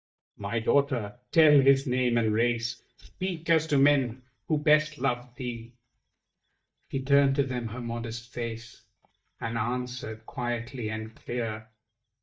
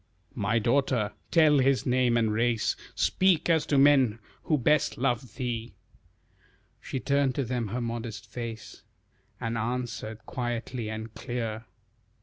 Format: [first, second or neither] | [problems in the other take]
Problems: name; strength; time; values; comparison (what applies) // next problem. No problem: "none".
second | noise reduction (neural mask model DeepFilterNet 3)